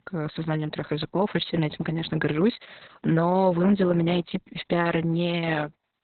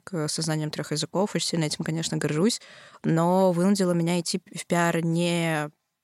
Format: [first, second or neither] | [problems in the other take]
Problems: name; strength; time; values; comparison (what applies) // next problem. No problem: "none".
second | garbled, watery; badly; nothing above 4 kHz